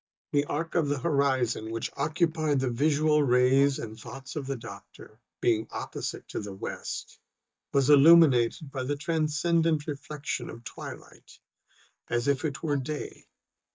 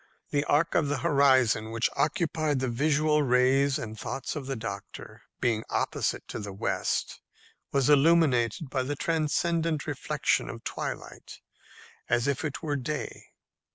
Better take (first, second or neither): second